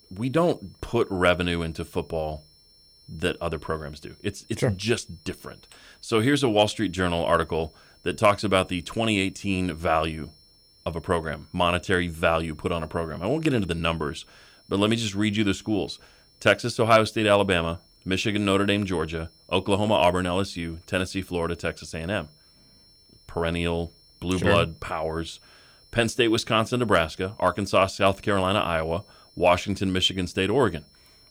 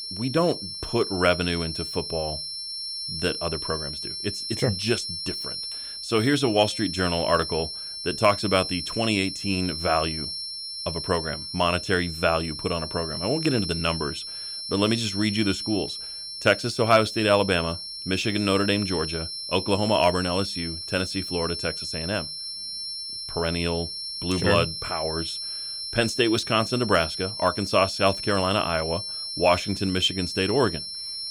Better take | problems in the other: first | high-pitched whine; loud; throughout; 5.5 kHz, 6 dB below the speech; faint in the first

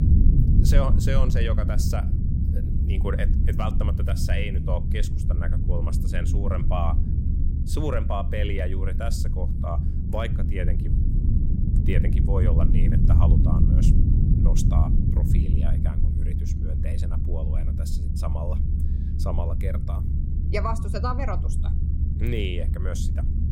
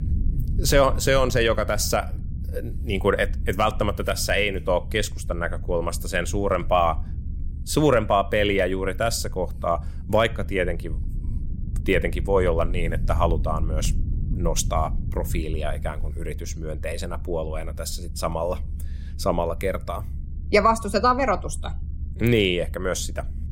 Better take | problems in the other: second | low rumble; loud; throughout; 4 dB below the speech; faint in the second

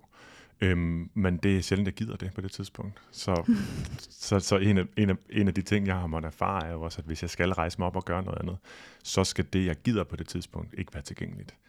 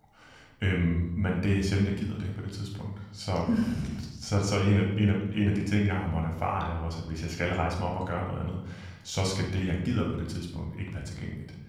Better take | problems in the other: first | room echo; noticeable; dies away in 0.8 s // off-mic speech; somewhat distant

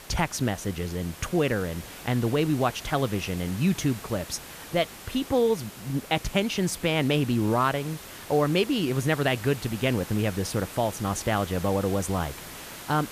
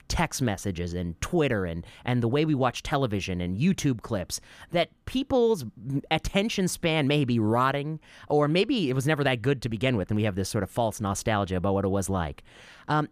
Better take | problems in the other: second | hiss; noticeable; throughout; 15 dB below the speech

